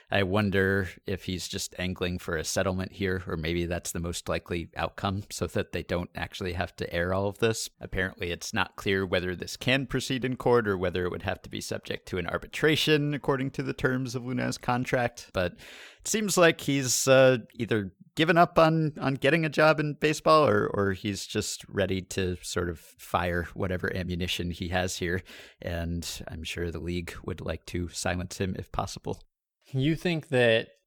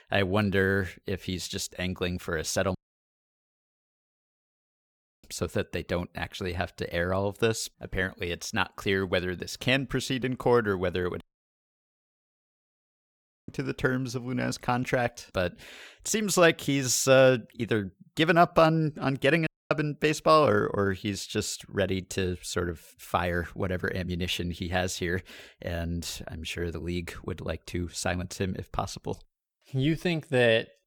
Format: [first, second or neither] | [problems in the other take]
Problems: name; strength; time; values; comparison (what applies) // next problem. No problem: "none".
first | audio cutting out; at 3 s for 2.5 s, at 11 s for 2.5 s and at 19 s